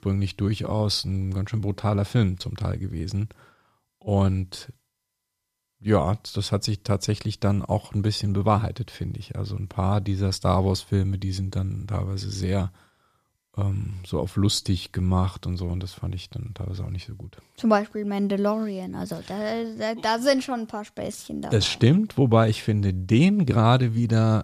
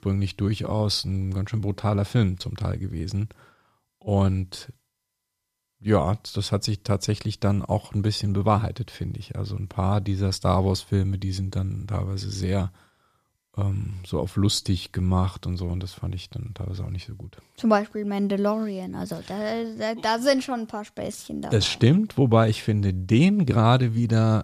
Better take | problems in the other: neither | none

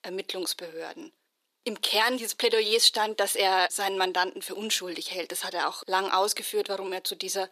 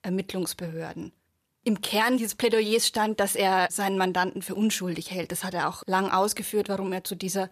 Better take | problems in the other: second | thin; somewhat; fading below 300 Hz

